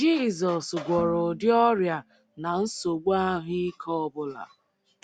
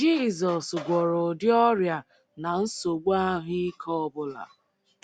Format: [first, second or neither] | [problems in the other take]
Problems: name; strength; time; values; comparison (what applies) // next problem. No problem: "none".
second | background sound (Bowed string instrument); 17 dB below the speech